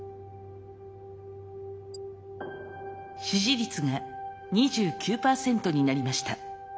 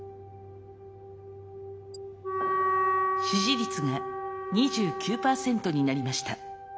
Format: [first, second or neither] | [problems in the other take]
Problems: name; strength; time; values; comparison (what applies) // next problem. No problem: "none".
first | background sound (Wind instrument, woodwind instrument); as loud as the speech